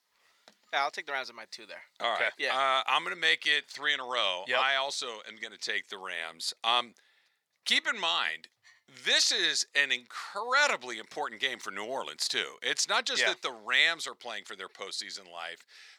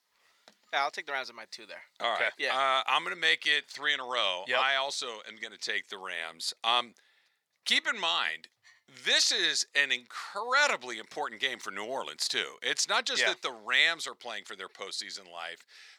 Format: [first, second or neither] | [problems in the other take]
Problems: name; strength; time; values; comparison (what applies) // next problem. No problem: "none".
neither | thin; very; fading below 800 Hz; the same in both